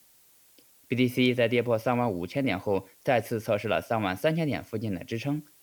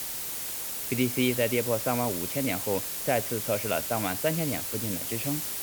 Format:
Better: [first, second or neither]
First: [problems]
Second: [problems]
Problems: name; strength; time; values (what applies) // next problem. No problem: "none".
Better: first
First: hiss; faint; throughout; 30 dB below the speech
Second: hiss; loud; throughout; 1 dB below the speech